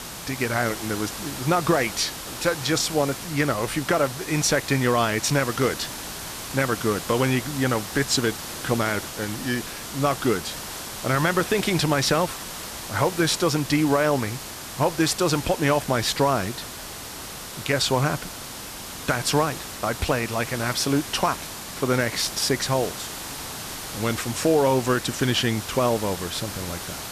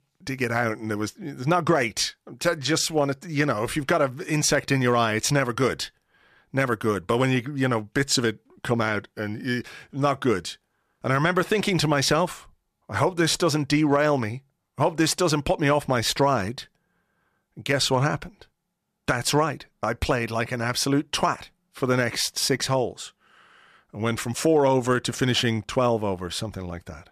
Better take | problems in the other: second | hiss; loud; throughout; 9 dB below the speech

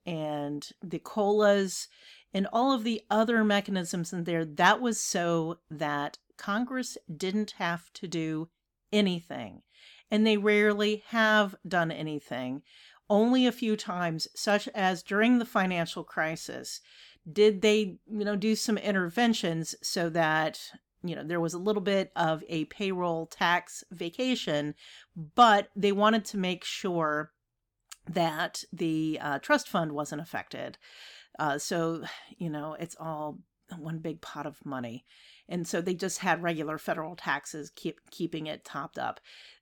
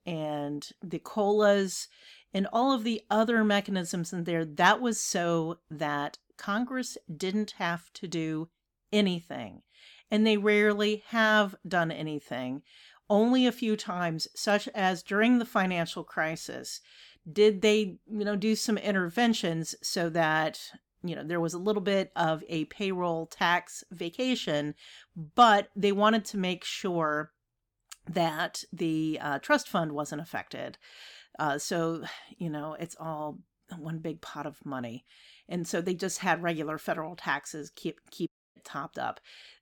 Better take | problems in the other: first | audio cutting out; at 38 s

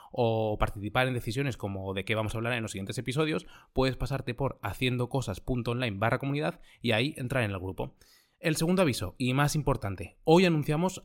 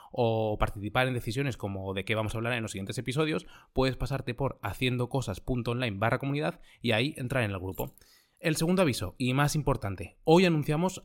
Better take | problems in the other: first | jangling keys; faint; at 7.5 s; peak 15 dB below the speech

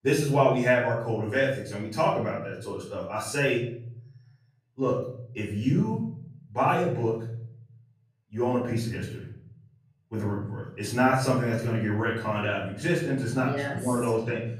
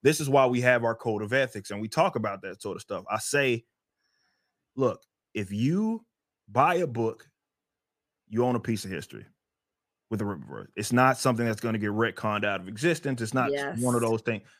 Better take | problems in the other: second | off-mic speech; far // room echo; noticeable; dies away in 1 s

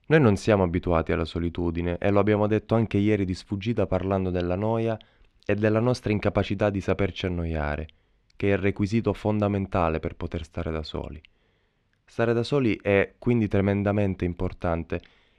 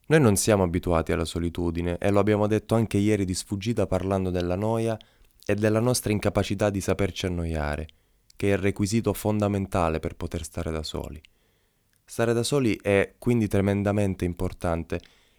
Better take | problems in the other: second | muffled; slightly; fading above 3 kHz

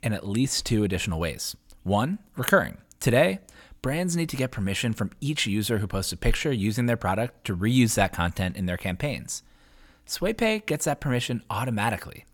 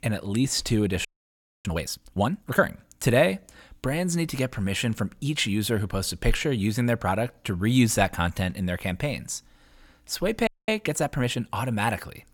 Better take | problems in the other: first | audio freezing; at 1 s for 0.5 s and at 10 s

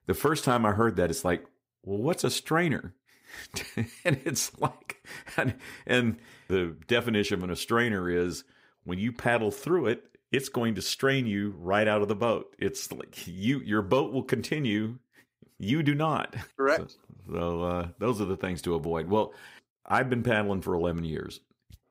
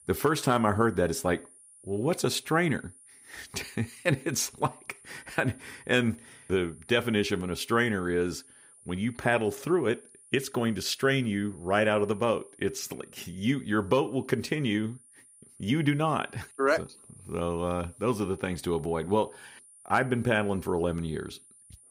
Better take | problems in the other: first | high-pitched whine; faint; throughout; 9 kHz, 25 dB below the speech

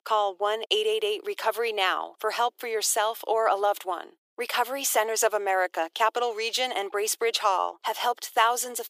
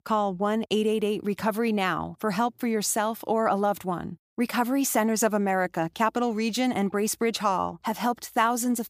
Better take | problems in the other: second | thin; very; fading below 400 Hz

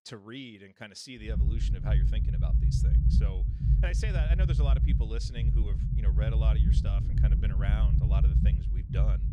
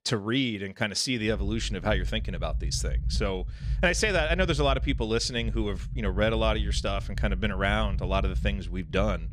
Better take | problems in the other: second | low rumble; loud; from 1.5 s on; 1 dB below the speech; faint in the second

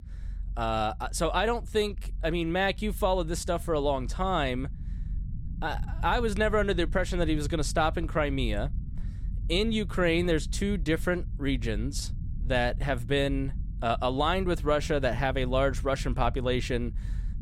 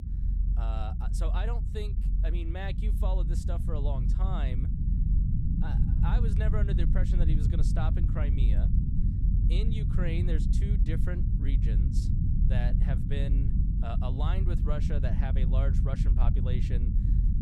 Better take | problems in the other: first | low rumble; loud; throughout; 2 dB below the speech; faint in the first

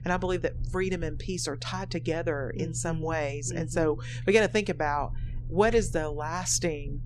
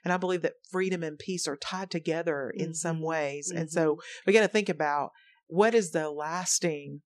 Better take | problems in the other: second | low rumble; faint; throughout; 25 dB below the speech

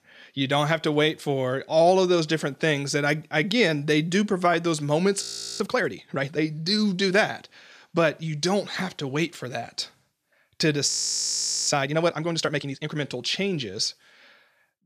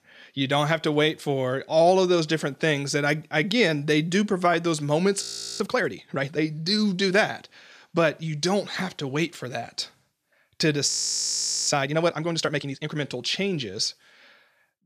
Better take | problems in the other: neither | audio freezing; at 5 s and at 11 s for 1 s; the same in both

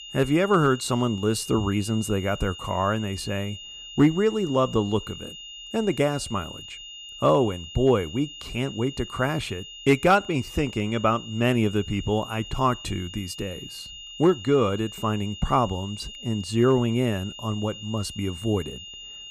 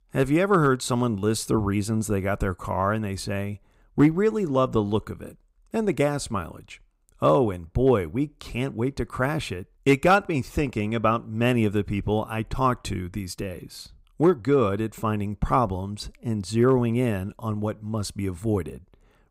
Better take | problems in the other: second | high-pitched whine; noticeable; throughout; 3 kHz, 15 dB below the speech

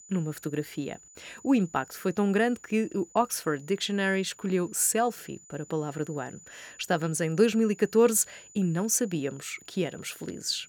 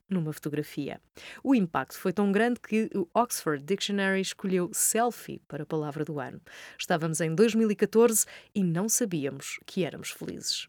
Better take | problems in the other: second | high-pitched whine; faint; throughout; 7 kHz, 25 dB below the speech

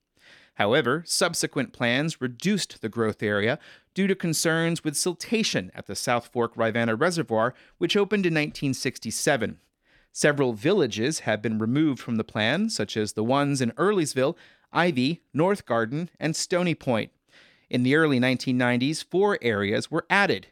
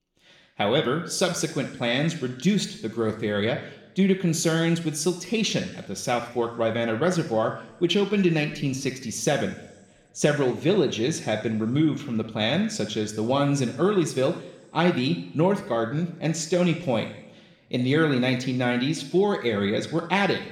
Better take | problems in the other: first | room echo; slight; dies away in 1 s

